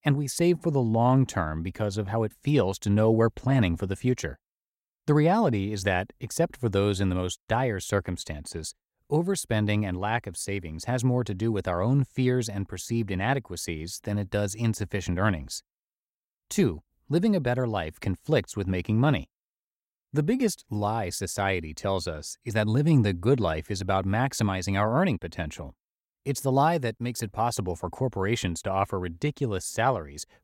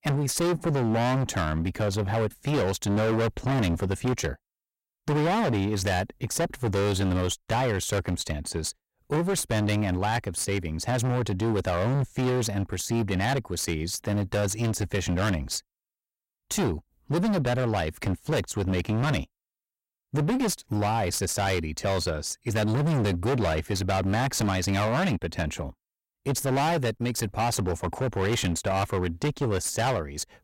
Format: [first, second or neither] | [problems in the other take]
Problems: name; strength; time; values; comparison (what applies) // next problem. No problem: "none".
first | distortion; heavy; 27% of the sound clipped